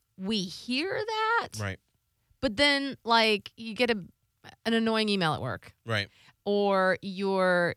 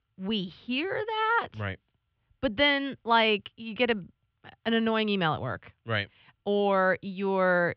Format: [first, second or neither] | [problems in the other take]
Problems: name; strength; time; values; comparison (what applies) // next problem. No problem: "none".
first | muffled; very; fading above 3.5 kHz